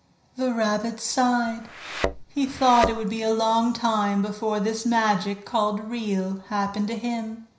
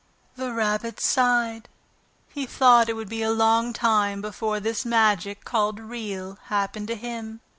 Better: second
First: background sound (Thump, thud); 7 dB below the speech // room echo; dies away in 0.5 s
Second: none

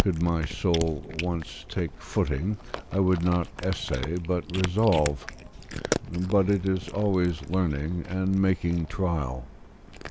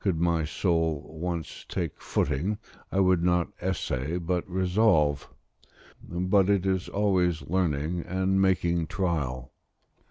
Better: second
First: background sound (Cat); 10 dB below the speech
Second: none

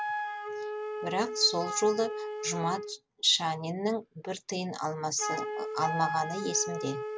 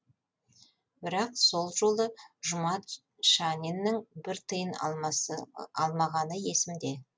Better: second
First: background sound (Wind instrument, woodwind instrument); 5 dB below the speech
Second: none

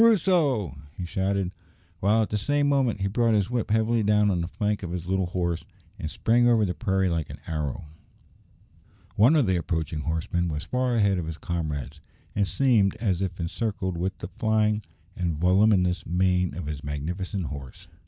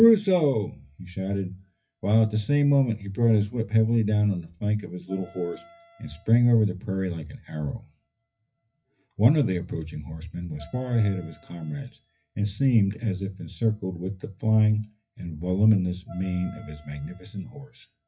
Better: first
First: none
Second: noise reduction (classical method WPE with log-MMSE)

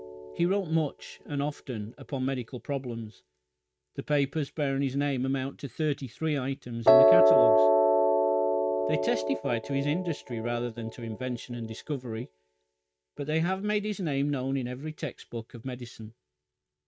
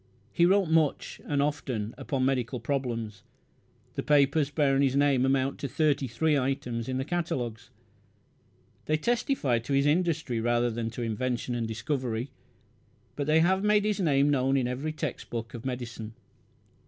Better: second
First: noise reduction (neural mask model RNNoise)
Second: none

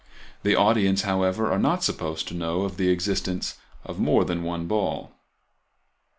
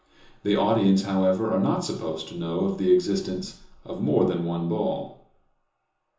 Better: first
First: none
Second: room echo; dies away in 0.6 s

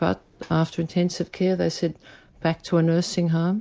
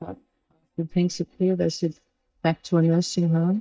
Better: first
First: none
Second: noise reduction (neural mask model DeepFilterNet 3)

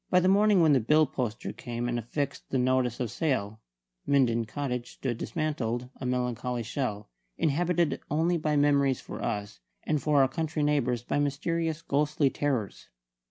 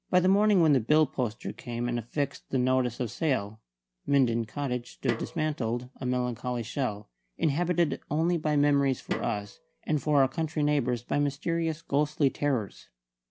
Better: first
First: none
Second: background sound (Snare drum); 14 dB below the speech

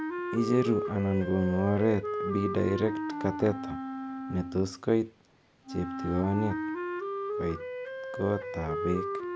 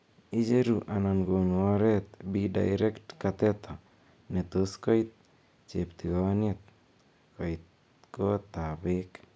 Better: second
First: background sound (Wind instrument, woodwind instrument); 5 dB below the speech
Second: none

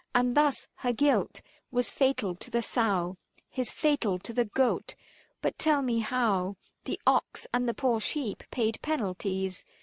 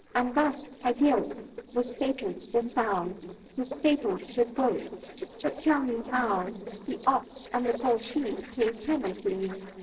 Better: first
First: none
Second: noise reduction (neural separator model SepFormer DNS4)

